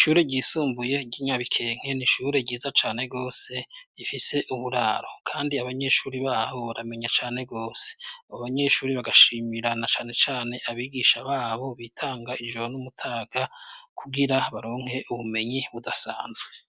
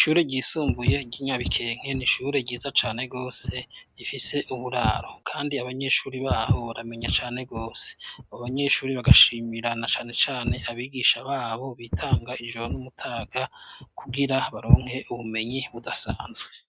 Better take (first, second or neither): first